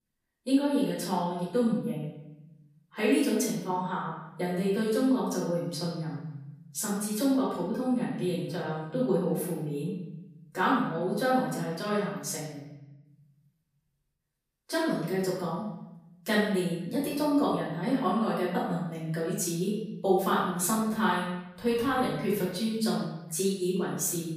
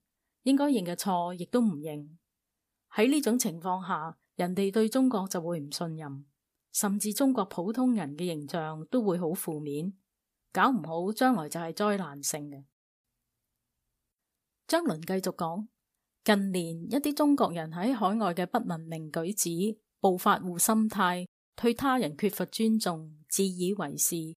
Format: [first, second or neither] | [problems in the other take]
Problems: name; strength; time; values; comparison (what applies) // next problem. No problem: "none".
second | off-mic speech; far // room echo; noticeable; dies away in 1 s